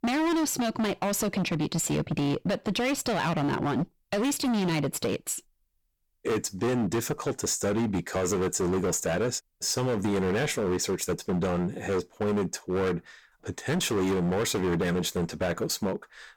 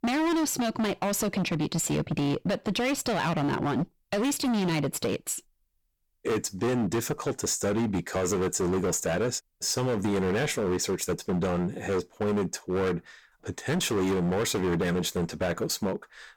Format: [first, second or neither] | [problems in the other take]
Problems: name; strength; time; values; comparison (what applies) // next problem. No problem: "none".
neither | distortion; heavy; 22% of the sound clipped; the same in both